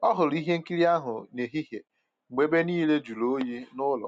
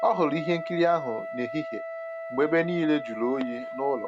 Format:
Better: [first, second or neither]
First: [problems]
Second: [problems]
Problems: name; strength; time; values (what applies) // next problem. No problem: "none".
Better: first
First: none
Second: background sound (Wind instrument, woodwind instrument); 8 dB below the speech